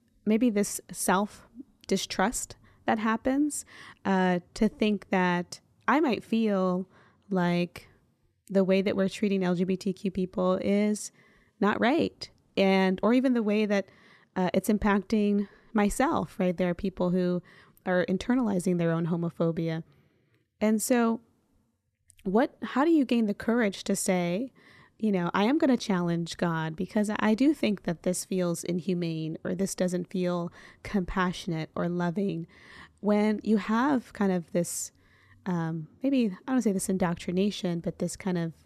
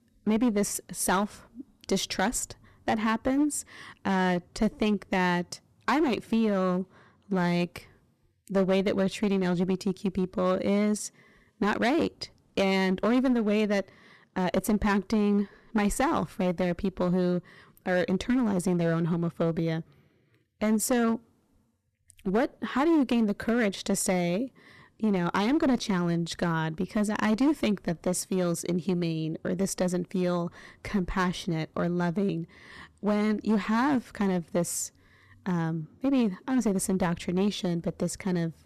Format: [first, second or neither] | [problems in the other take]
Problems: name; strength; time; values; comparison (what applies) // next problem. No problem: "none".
first | distortion; slight; 7% of the sound clipped